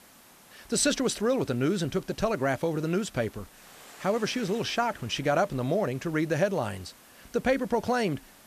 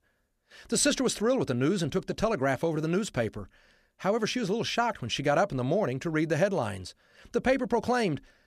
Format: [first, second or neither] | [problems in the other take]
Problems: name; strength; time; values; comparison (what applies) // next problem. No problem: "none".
second | hiss; faint; throughout; 20 dB below the speech